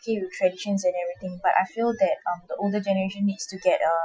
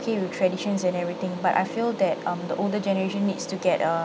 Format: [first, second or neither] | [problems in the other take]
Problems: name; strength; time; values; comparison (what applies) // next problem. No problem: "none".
second | noise reduction (classical method Wiener filter)